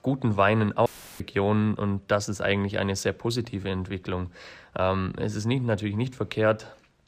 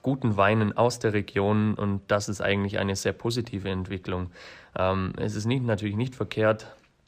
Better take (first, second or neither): second